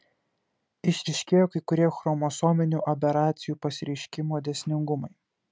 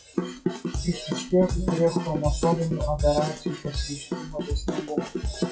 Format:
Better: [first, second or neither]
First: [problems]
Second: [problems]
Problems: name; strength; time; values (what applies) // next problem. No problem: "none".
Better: first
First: none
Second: noise reduction (classical method WPE with log-MMSE)